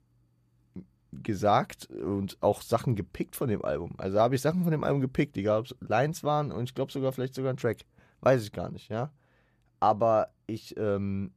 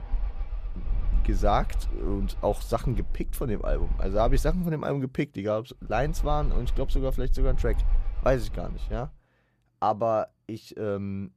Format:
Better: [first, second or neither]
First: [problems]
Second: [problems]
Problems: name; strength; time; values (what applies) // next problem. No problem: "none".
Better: first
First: none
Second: low rumble; faint; until 4.5 s and from 6 to 9 s; 20 dB below the speech